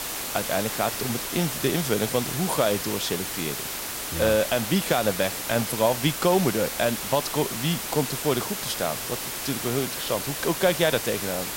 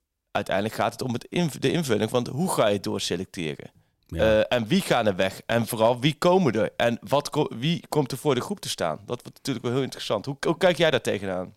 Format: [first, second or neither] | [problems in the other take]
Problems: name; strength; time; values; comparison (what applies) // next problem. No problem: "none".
second | hiss; loud; throughout; 3 dB below the speech